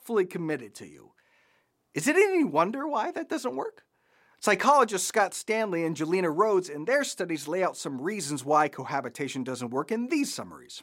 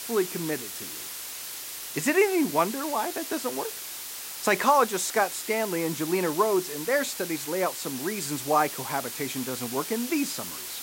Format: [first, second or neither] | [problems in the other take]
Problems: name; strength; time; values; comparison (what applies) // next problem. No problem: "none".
first | hiss; loud; throughout; 7 dB below the speech